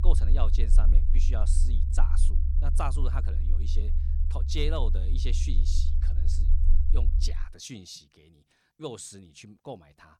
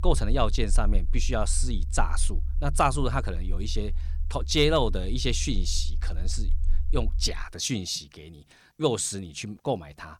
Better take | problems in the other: second | low rumble; loud; until 7.5 s; 8 dB below the speech; faint in the second

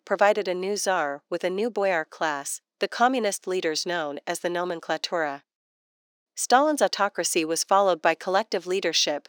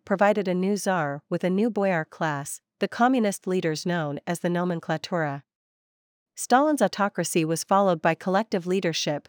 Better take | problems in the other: second | thin; somewhat; fading below 300 Hz

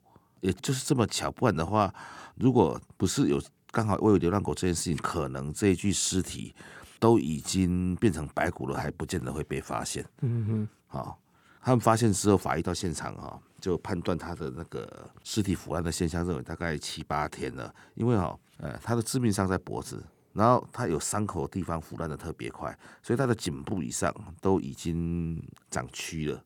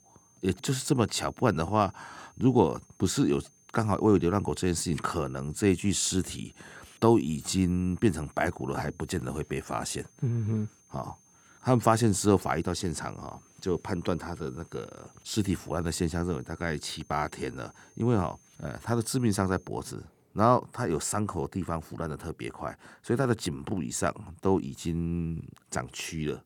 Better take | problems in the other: first | high-pitched whine; faint; until 20 s; 6.5 kHz, 30 dB below the speech

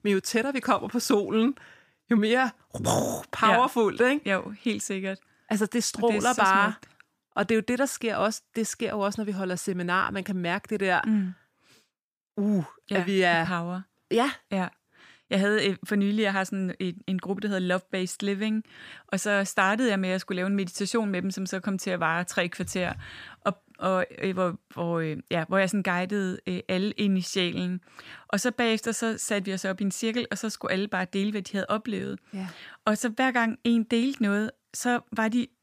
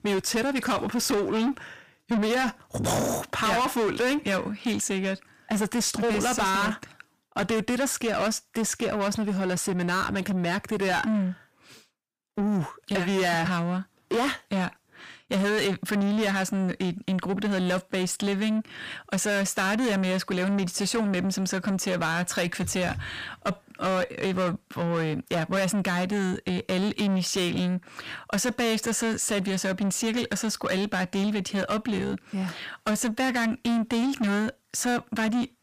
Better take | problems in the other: first | distortion; heavy; 7 dB below the speech

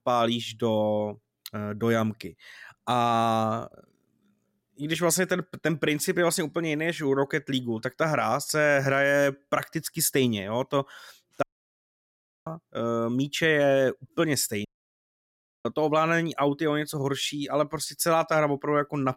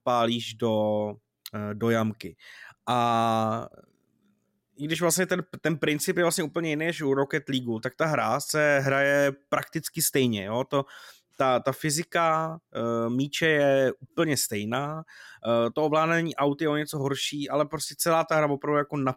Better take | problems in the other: second | audio cutting out; at 11 s for 1 s and at 15 s for 1 s

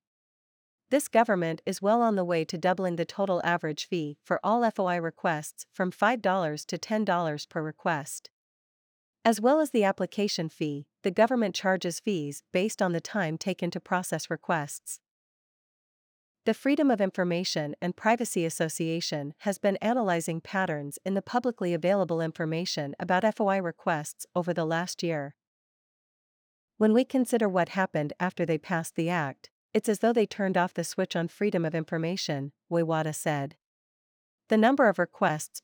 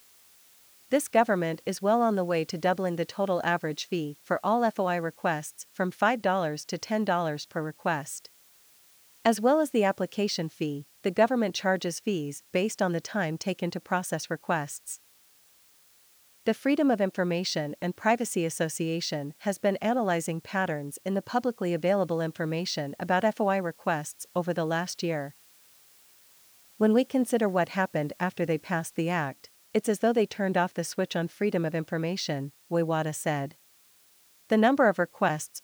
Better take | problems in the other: first | hiss; faint; throughout; 30 dB below the speech

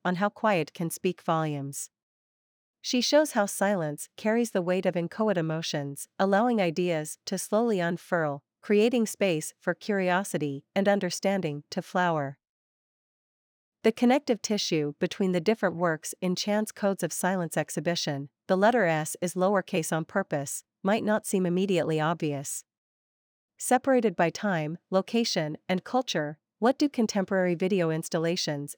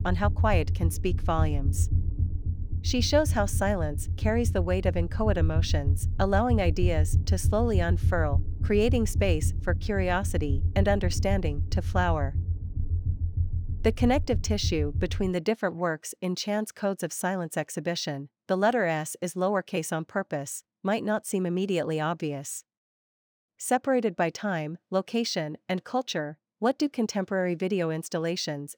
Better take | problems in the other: first | low rumble; noticeable; until 15 s; 15 dB below the speech

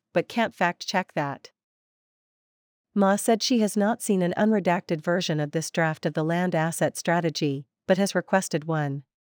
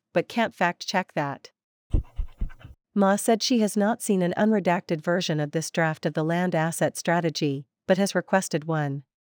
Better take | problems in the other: first | dog barking; noticeable; at 2 s; peak 6 dB below the speech

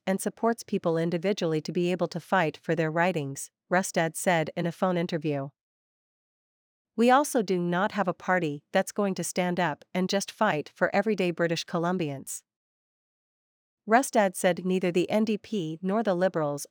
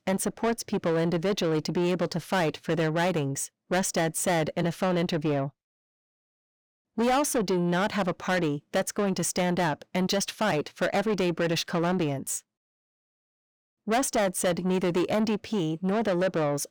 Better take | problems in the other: first | distortion; heavy; 8 dB below the speech

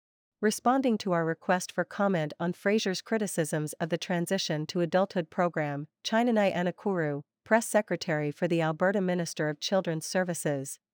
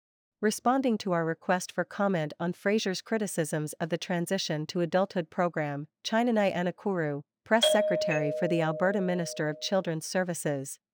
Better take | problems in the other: first | doorbell; loud; from 7.5 to 9 s; peak 4 dB above the speech

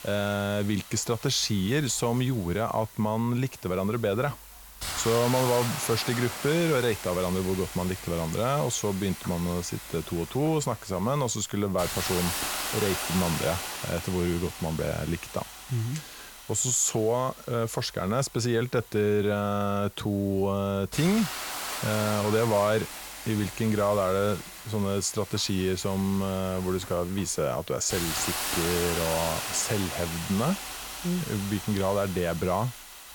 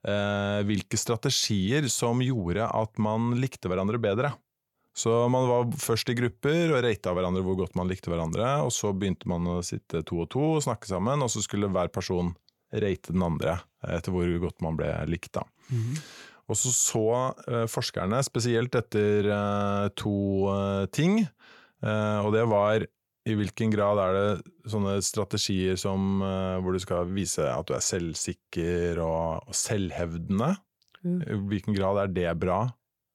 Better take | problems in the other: second | hiss; loud; throughout; 7 dB below the speech

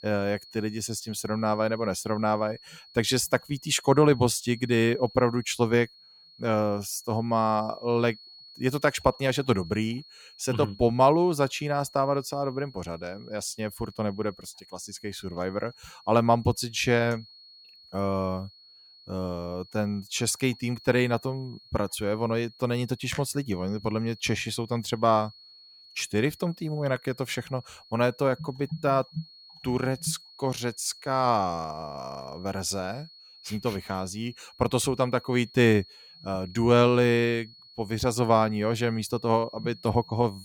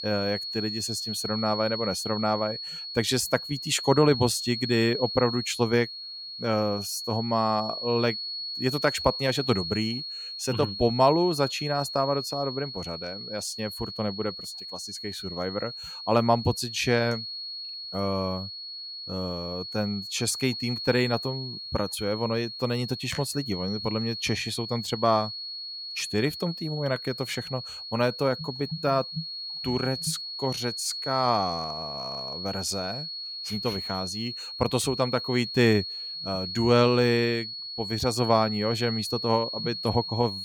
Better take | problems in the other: first | high-pitched whine; loud; throughout; 4.5 kHz, 6 dB below the speech; faint in the first

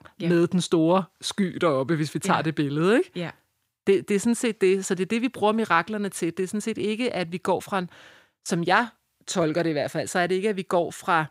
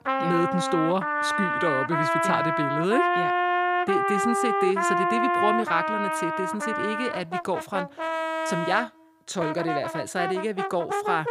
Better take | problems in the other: first | background music; very loud; throughout; 2 dB above the speech

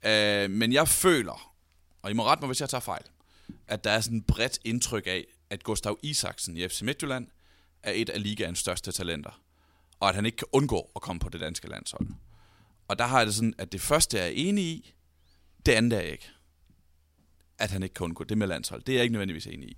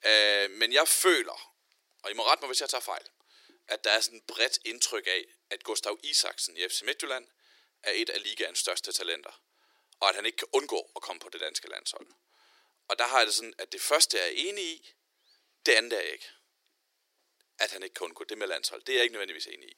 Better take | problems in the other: first | thin; very; fading below 350 Hz

